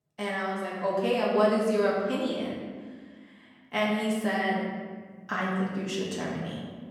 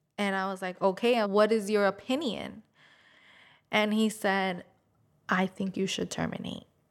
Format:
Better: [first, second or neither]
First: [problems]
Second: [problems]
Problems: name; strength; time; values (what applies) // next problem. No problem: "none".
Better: second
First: room echo; noticeable; dies away in 1.4 s // off-mic speech; far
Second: none